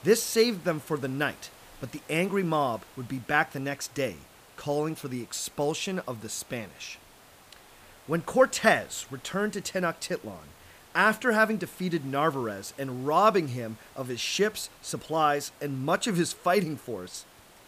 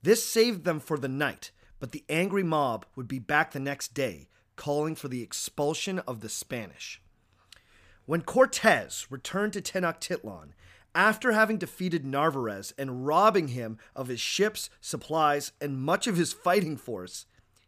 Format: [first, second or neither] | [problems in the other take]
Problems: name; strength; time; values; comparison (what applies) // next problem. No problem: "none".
second | hiss; faint; throughout; 25 dB below the speech